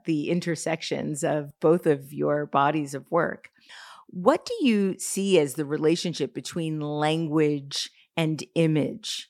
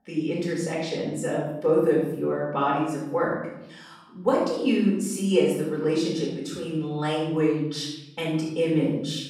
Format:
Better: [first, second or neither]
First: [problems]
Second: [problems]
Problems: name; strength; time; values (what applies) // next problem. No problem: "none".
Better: first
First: none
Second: room echo; noticeable; dies away in 0.8 s // off-mic speech; far